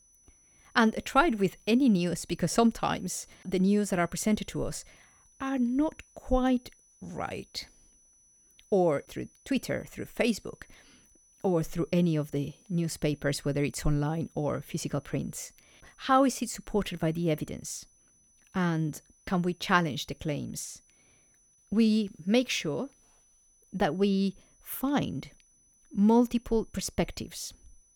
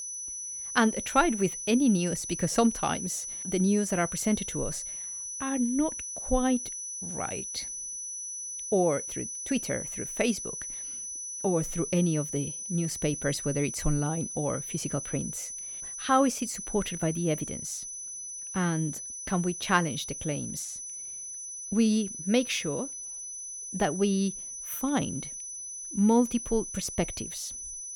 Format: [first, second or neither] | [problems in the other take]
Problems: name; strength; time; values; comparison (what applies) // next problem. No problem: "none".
first | high-pitched whine; loud; throughout; 6 kHz, 6 dB below the speech; faint in the first